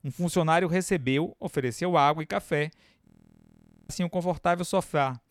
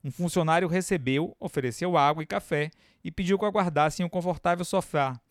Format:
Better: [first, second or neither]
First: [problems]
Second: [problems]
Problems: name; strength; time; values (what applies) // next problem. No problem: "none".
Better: second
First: audio freezing; at 3 s for 1 s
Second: none